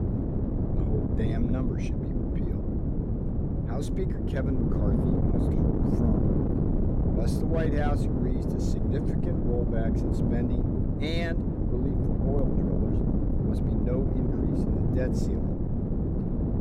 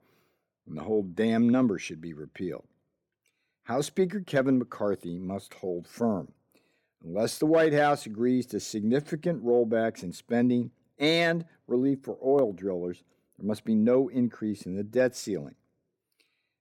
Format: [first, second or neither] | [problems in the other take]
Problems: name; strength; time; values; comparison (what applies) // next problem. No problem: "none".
second | wind noise on the microphone; heavy; 3 dB above the speech